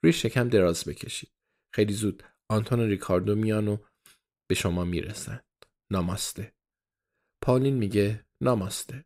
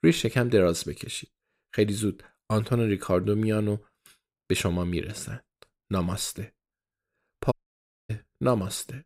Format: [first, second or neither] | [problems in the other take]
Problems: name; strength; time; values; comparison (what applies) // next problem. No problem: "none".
first | audio cutting out; at 7.5 s for 0.5 s